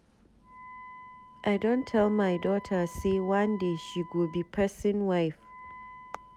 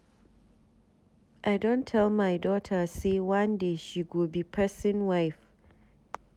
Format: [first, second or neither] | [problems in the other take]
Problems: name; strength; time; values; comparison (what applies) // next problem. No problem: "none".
second | background sound (Wind instrument, woodwind instrument); 19 dB below the speech